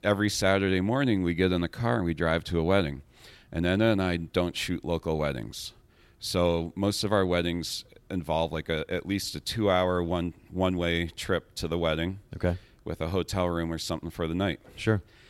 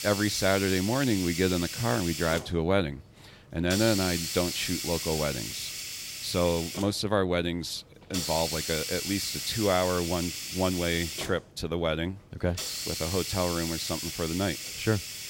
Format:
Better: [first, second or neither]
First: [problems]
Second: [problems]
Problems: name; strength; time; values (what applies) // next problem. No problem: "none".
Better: first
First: none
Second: hiss; loud; throughout; 4 dB below the speech